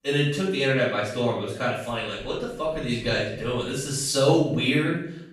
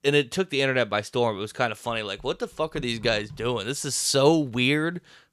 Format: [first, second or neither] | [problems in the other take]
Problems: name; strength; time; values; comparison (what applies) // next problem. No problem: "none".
second | off-mic speech; far // room echo; noticeable; dies away in 0.6 s